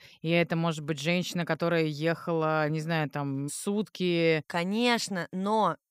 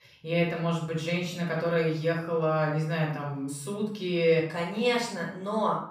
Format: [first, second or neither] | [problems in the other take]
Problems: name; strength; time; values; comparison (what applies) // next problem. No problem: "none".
first | off-mic speech; far // room echo; noticeable; dies away in 0.5 s